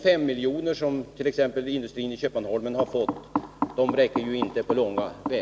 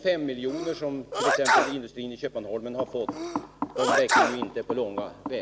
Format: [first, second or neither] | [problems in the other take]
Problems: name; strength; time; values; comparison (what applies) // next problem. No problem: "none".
first | background sound (Sneeze); 2 dB above the speech